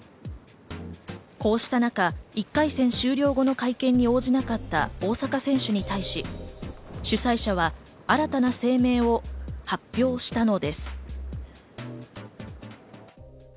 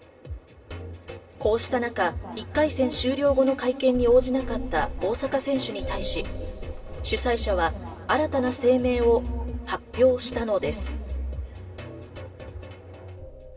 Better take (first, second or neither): first